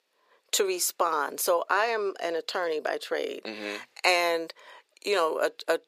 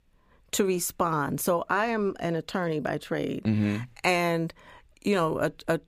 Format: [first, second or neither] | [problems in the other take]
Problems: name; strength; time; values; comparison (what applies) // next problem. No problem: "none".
second | thin; very; fading below 450 Hz